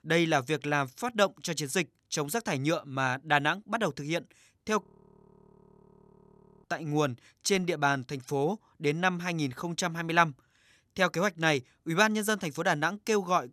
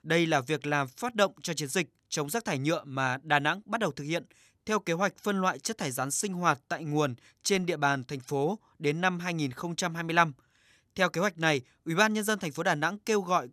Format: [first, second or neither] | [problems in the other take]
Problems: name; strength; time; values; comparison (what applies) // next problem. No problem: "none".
second | audio freezing; at 5 s for 2 s